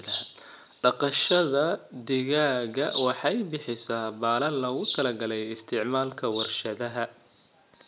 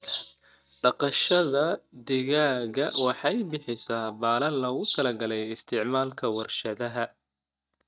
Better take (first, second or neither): first